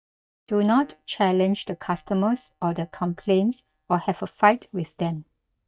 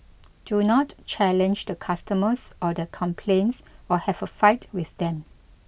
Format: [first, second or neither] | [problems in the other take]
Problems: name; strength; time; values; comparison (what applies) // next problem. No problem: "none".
second | noise reduction (neural mask model DeepFilterNet 3)